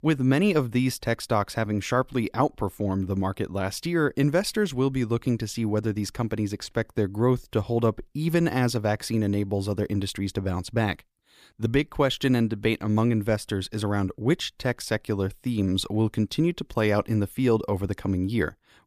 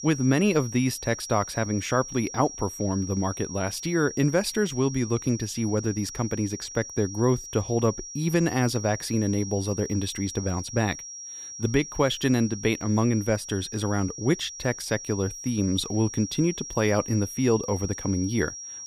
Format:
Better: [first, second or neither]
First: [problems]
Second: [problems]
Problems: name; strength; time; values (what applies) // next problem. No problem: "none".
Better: first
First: none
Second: high-pitched whine; noticeable; throughout; 5.5 kHz, 10 dB below the speech